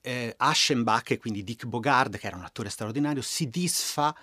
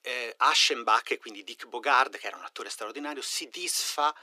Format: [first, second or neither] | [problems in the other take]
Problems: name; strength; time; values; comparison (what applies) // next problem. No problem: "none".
first | thin; very; fading below 350 Hz